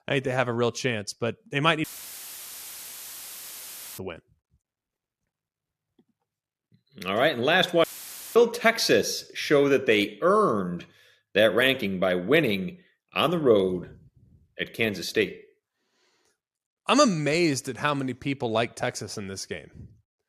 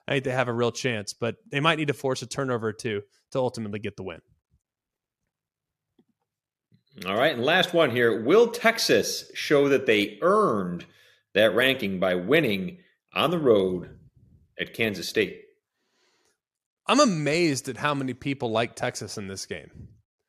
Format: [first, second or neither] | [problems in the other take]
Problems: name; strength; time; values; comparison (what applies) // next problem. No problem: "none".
second | audio cutting out; filled with static; at 2 s for 2 s and at 8 s for 0.5 s